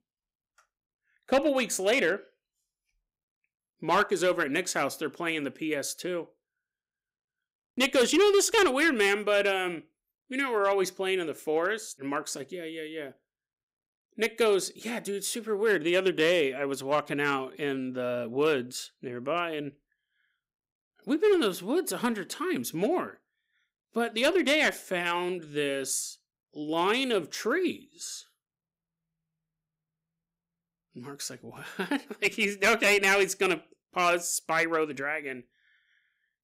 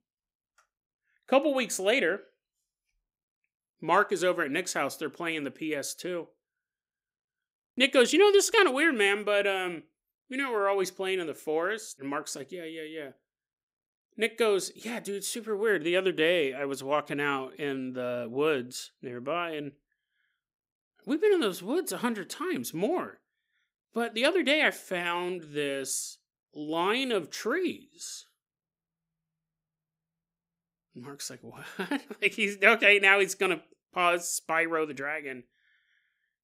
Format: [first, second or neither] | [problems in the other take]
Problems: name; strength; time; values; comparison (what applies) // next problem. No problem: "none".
second | distortion; slight; 2% of the sound clipped